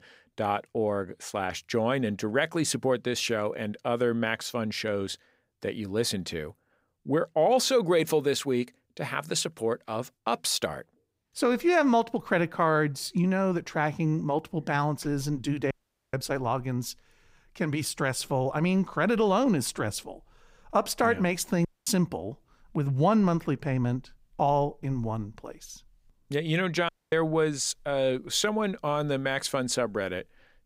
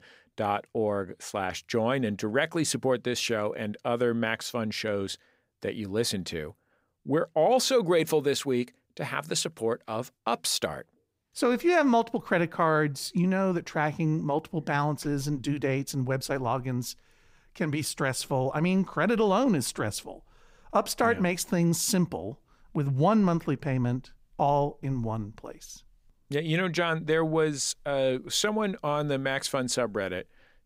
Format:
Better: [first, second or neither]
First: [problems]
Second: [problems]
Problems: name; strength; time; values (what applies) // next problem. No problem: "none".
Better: second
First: audio cutting out; at 16 s, at 22 s and at 27 s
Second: none